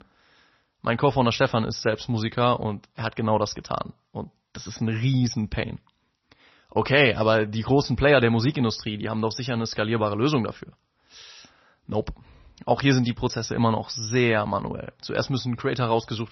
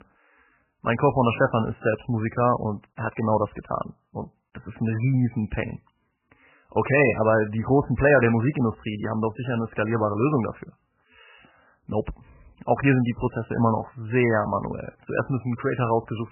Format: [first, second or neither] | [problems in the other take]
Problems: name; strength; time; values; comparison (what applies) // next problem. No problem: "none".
first | garbled, watery; badly; nothing above 2.5 kHz; slightly in the first